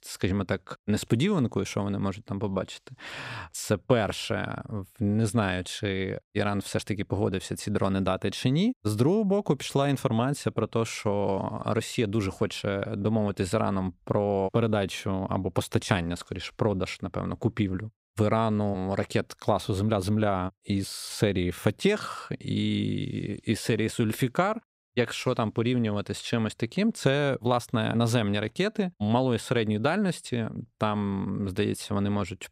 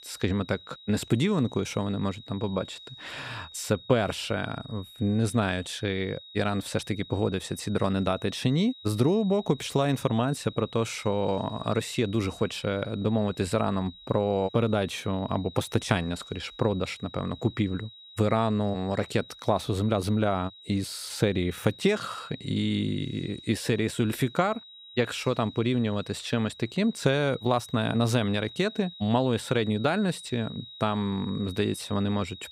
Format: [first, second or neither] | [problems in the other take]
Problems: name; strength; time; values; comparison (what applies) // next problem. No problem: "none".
first | high-pitched whine; noticeable; throughout; 4 kHz, 15 dB below the speech